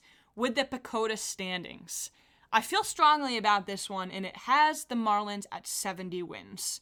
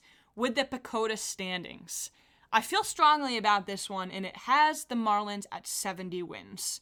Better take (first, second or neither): neither